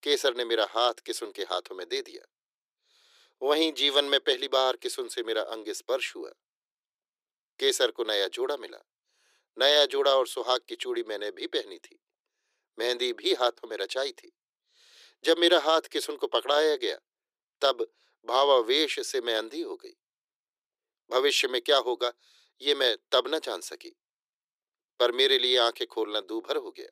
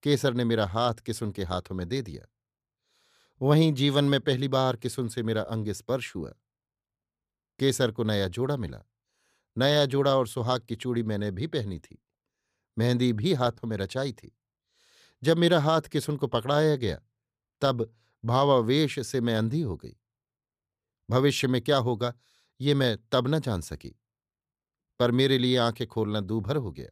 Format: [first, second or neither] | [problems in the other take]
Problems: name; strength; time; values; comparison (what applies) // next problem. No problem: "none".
second | thin; very; fading below 350 Hz